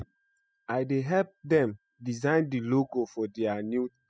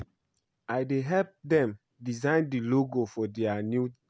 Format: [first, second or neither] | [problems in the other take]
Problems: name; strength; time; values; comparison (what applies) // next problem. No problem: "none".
second | noise reduction (classical method spectral subtraction)